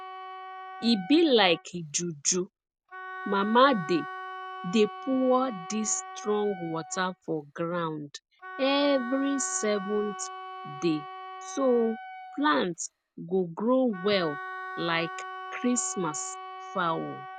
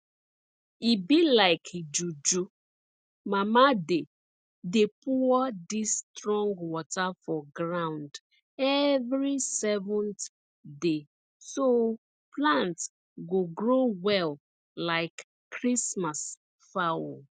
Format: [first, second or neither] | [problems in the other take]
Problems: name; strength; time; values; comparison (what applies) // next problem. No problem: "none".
second | background sound (Wind instrument, woodwind instrument); 12 dB below the speech